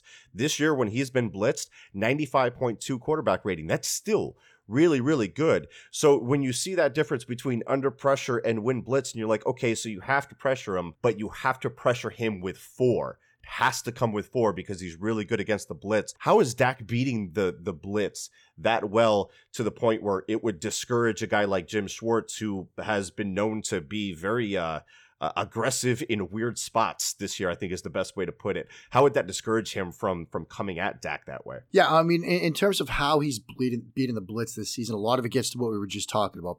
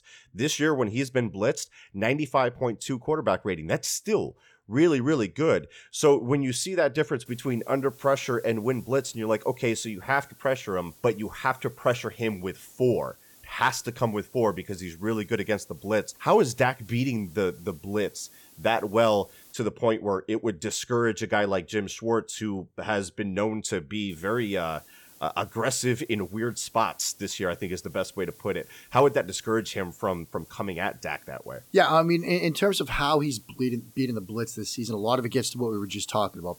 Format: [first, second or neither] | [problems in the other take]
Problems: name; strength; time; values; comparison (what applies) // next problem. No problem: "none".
first | hiss; faint; from 7.5 to 20 s and from 24 s on; 25 dB below the speech